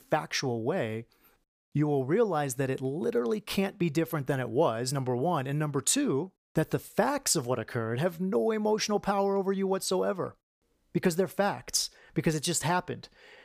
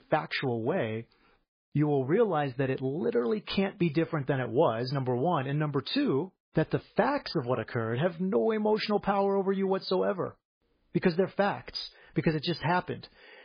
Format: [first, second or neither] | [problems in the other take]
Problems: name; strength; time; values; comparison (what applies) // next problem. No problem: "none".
first | garbled, watery; badly; nothing above 5 kHz